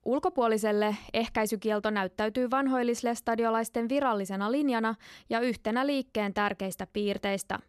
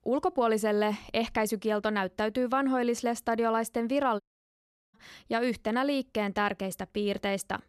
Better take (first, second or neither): first